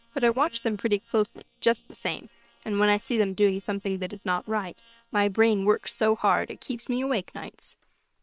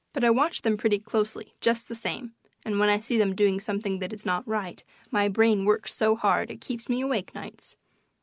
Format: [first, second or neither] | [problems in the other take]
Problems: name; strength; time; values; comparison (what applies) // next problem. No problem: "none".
second | noise reduction (neural separator model SepFormer WHAM!)